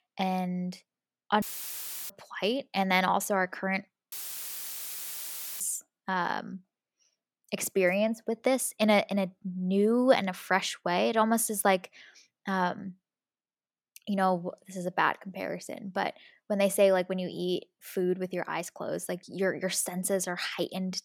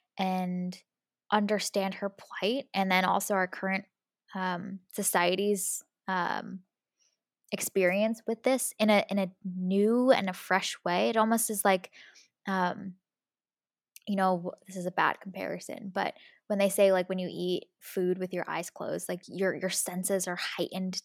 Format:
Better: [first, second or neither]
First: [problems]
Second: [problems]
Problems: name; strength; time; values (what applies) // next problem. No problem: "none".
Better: second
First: audio cutting out; filled with static; at 1.5 s for 0.5 s and at 4 s for 1.5 s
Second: none